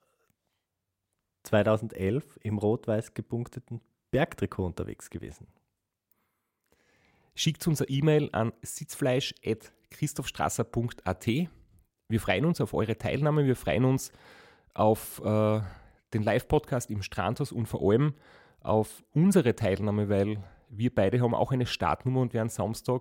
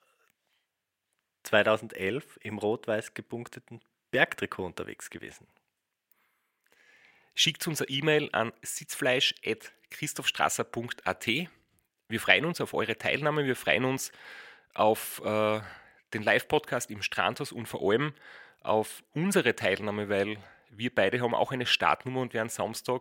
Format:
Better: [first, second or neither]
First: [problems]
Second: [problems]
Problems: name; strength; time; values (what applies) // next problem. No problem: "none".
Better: first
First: none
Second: thin; somewhat; fading below 1 kHz